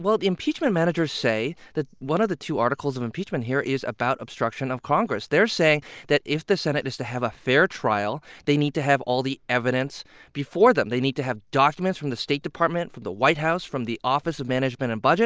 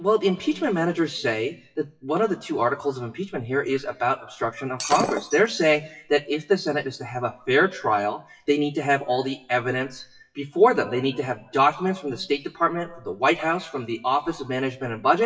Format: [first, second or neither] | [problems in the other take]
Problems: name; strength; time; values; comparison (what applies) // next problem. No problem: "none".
first | noise reduction (classical method WPE with log-MMSE)